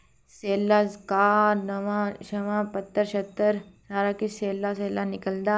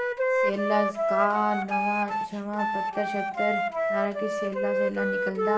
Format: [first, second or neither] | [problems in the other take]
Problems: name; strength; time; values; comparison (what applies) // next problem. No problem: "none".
first | background sound (Wind instrument, woodwind instrument); 3 dB above the speech // room echo; dies away in 2 s